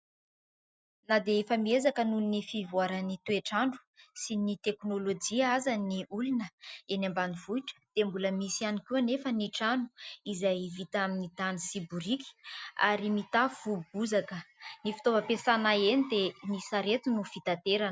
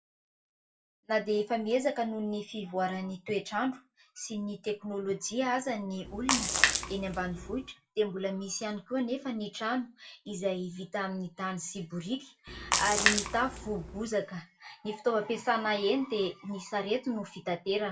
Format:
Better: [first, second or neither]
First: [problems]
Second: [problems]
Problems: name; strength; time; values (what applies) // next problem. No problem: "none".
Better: first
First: none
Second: background sound (Splash, splatter); 1 dB above the speech // room echo; dies away in 0.2 s